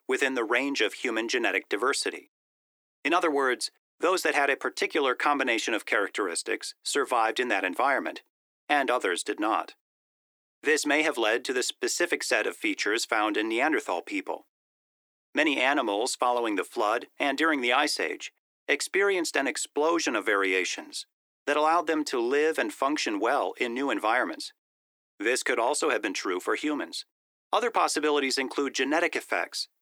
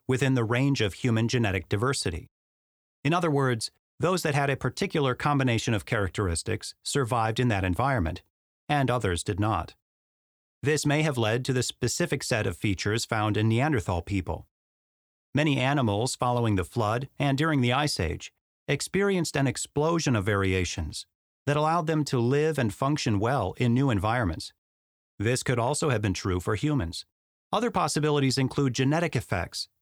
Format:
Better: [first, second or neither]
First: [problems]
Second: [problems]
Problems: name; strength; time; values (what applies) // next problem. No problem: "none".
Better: second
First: thin; somewhat; fading below 300 Hz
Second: none